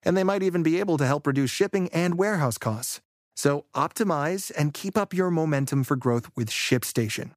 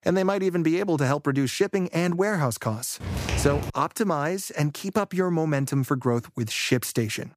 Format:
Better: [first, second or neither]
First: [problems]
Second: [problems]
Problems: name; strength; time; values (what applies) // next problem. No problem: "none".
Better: first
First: none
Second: footsteps; noticeable; at 3 s; peak 3 dB below the speech